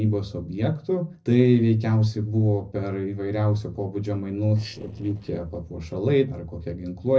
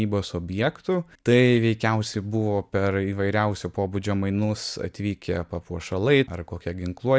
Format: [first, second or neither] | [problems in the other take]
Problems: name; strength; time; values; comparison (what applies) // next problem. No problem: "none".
second | noise reduction (neural separator model SepFormer DNS4)